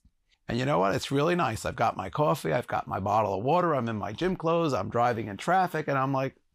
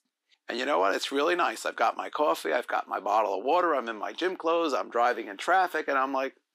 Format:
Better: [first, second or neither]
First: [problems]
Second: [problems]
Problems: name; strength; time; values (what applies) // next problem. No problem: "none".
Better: first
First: none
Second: thin; somewhat; fading below 300 Hz